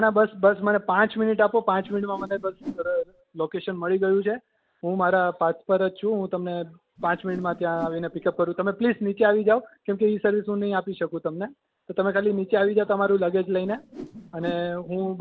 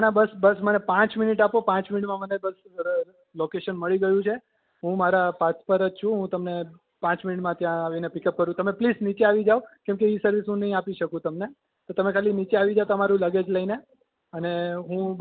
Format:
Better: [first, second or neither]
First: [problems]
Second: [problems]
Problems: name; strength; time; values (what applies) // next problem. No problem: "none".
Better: second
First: background sound (Whoosh, swoosh, swish); 16 dB below the speech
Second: none